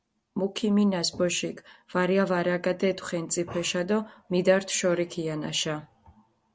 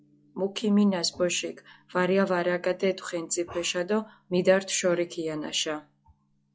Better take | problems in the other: first | noise reduction (classical method log-MMSE)

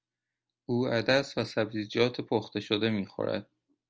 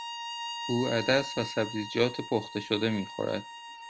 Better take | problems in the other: first | background sound (Bowed string instrument); 9 dB below the speech

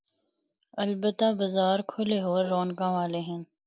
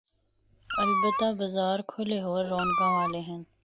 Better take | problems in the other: first | background sound (Meow); 1 dB below the speech

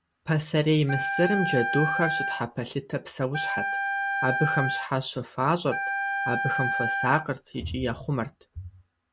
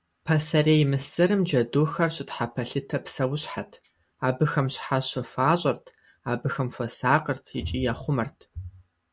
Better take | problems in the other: second | background sound (Wind instrument, woodwind instrument); 1 dB below the speech

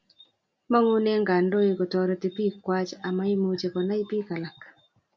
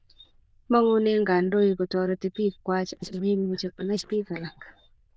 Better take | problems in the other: first | noise reduction (neural diffusion model UNIVERSE++)

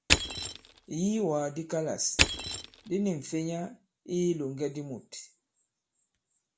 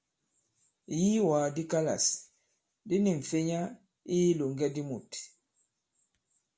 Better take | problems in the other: second | background sound (Crushing); 1 dB above the speech

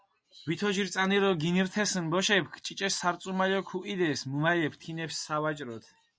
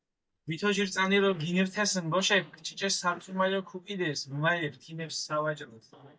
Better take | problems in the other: first | noise reduction (neural mask model DeepFilterNet 3)

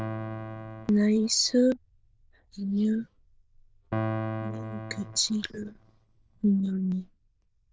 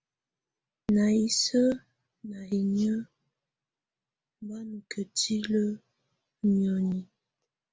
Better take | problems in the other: second | noise reduction (neural diffusion model UNIVERSE++)

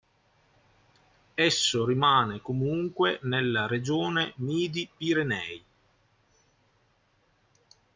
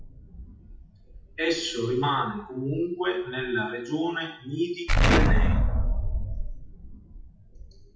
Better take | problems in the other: first | noise reduction (classical method WPE with log-MMSE)

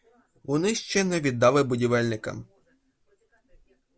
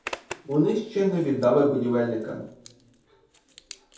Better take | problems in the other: first | background sound (Zipper (clothing)); 19 dB below the speech // room echo; dies away in 0.6 s

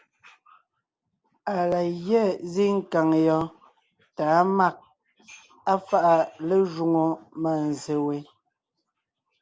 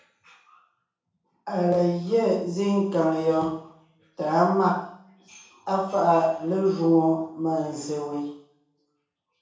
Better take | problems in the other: first | room echo; dies away in 0.7 s

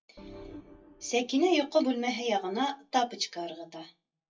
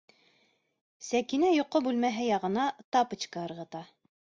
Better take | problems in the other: second | noise reduction (classical method WPE with log-MMSE)

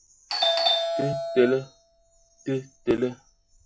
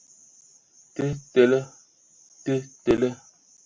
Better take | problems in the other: second | noise reduction (classical method log-MMSE)

